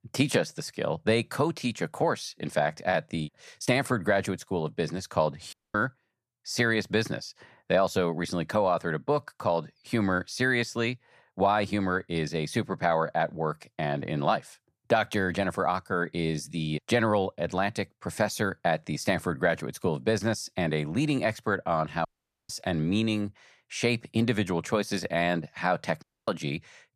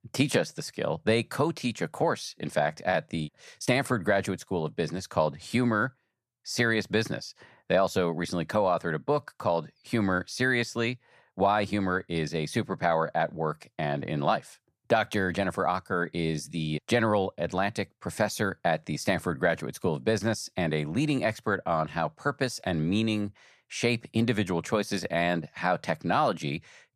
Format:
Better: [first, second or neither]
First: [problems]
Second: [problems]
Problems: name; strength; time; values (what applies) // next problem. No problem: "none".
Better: second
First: audio cutting out; at 5.5 s, at 22 s and at 26 s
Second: none